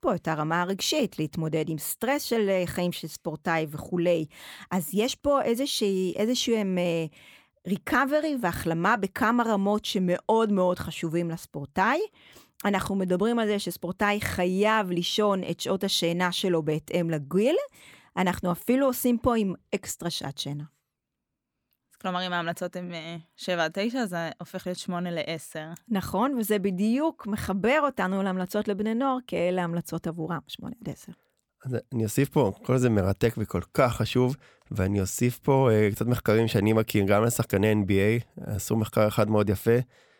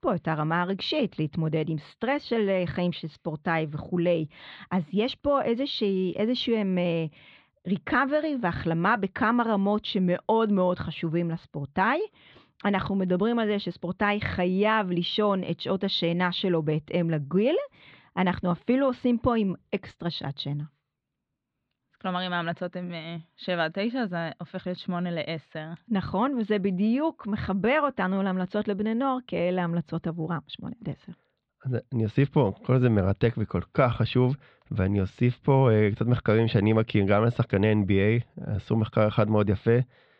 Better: first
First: none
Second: muffled; very slightly; fading above 4 kHz

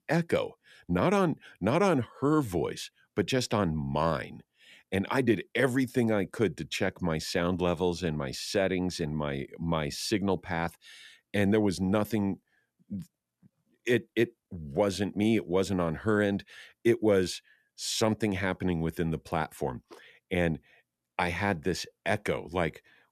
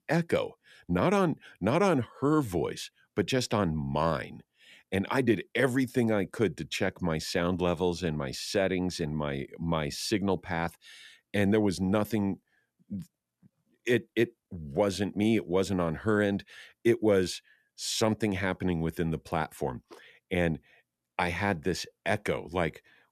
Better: neither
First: none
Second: none

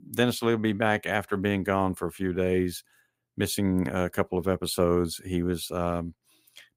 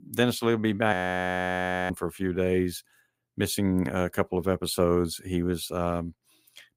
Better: first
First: none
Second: audio freezing; at 1 s for 1 s

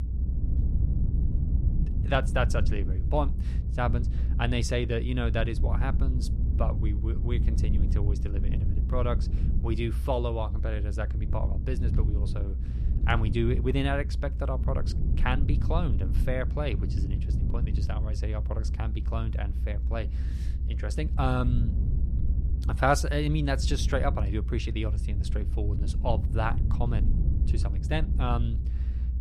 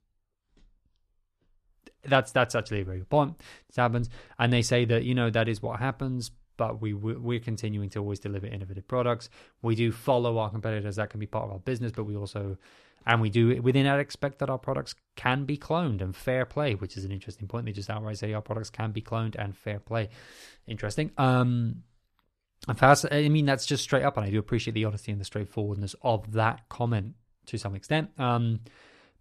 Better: second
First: low rumble; noticeable; throughout; 10 dB below the speech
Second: none

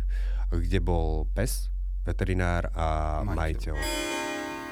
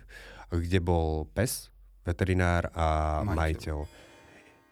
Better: second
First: background music; loud; throughout; 2 dB below the speech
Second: background music; faint; throughout; 30 dB below the speech

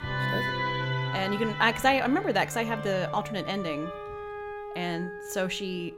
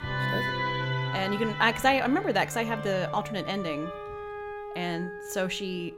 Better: neither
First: background music; loud; throughout; 5 dB below the speech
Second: background music; loud; throughout; 5 dB below the speech

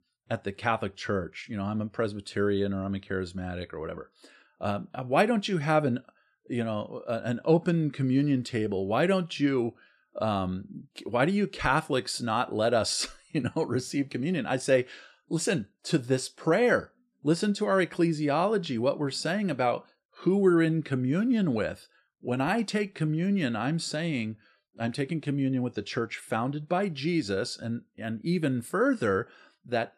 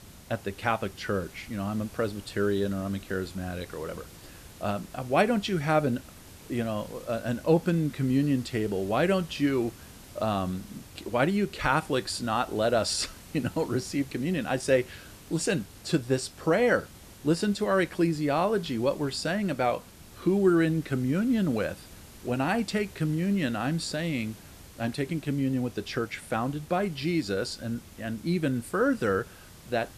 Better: first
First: none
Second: hiss; noticeable; throughout; 20 dB below the speech

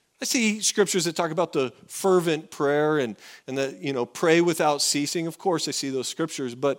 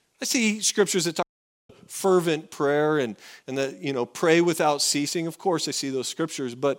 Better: first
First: none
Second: audio cutting out; at 1 s

